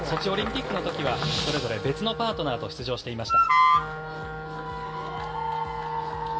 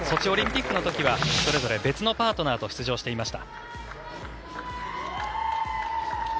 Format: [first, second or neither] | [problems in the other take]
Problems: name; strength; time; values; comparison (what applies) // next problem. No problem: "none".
second | background sound (Wind instrument, woodwind instrument); 1 dB above the speech // room echo; dies away in 0.9 s